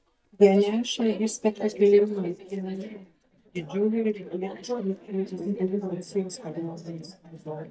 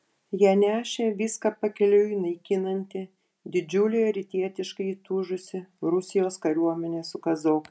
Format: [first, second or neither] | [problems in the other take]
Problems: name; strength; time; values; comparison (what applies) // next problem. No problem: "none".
second | noise reduction (neural mask model DeepFilterNet 3)